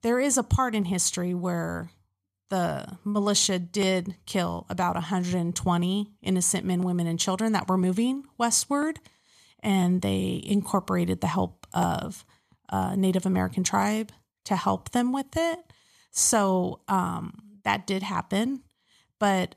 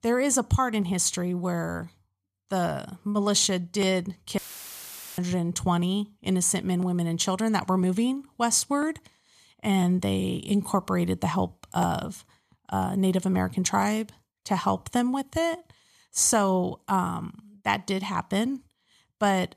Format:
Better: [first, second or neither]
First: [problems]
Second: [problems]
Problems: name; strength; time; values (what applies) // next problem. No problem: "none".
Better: first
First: none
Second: audio cutting out; filled with static; at 4.5 s for 1 s